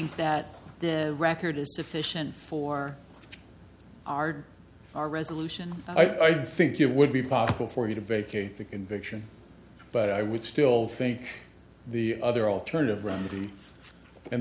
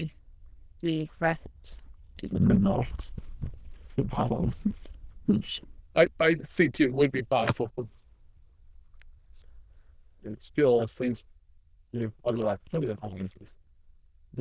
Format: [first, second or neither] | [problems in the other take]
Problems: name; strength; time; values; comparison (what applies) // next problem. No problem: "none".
first | noise reduction (neural diffusion model UNIVERSE++)